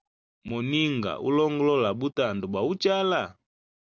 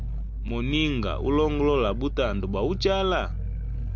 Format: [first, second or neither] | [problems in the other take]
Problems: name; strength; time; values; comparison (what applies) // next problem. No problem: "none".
first | background sound (Growling); 4 dB below the speech